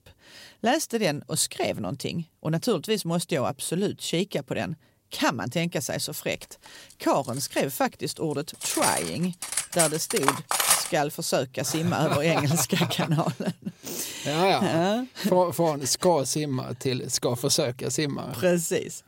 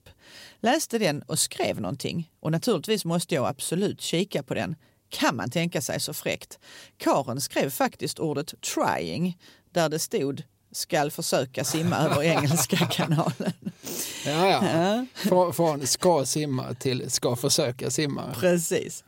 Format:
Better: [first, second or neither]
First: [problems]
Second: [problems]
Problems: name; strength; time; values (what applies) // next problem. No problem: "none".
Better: second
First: clattering dishes; loud; from 8.5 to 11 s; peak 5 dB above the speech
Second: none